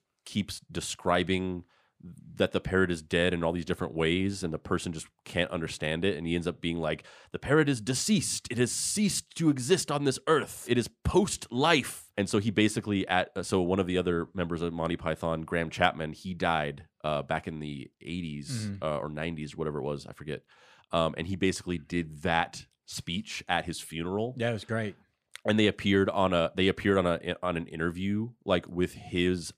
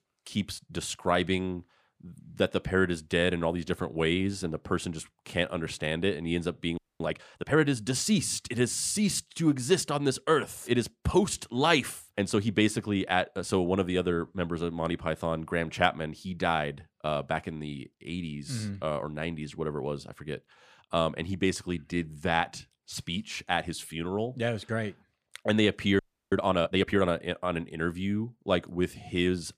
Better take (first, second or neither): first